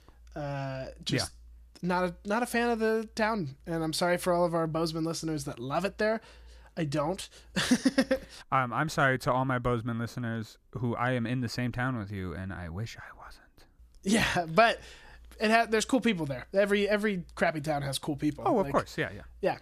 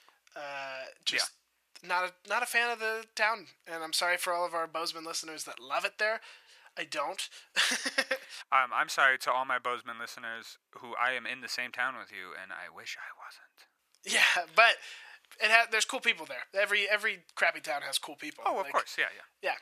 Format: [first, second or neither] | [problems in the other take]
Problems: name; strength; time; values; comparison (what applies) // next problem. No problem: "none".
first | thin; very; fading below 850 Hz